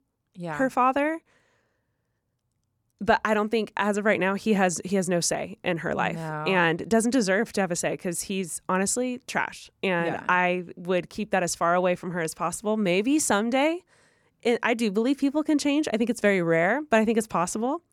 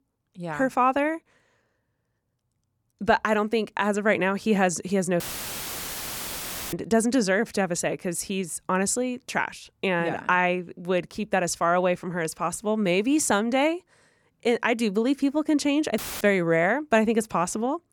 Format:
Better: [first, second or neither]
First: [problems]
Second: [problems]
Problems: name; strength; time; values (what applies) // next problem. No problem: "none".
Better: first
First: none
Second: audio cutting out; filled with static; at 5 s for 1.5 s and at 16 s